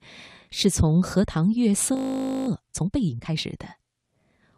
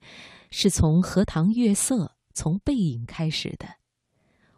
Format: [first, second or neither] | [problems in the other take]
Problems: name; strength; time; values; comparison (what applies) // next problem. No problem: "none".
second | audio freezing; at 2 s for 0.5 s